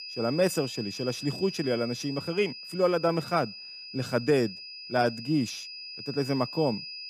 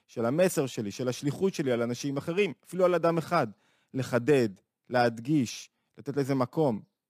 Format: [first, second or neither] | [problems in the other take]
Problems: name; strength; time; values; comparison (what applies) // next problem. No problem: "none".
second | high-pitched whine; loud; throughout; 5 kHz, 10 dB below the speech